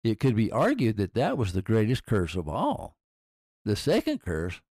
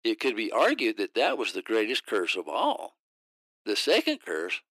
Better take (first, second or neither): first